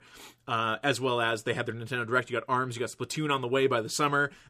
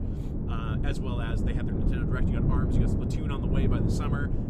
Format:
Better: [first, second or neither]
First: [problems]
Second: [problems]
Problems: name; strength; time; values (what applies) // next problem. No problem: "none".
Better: first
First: none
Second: wind noise on the microphone; heavy; 2 dB above the speech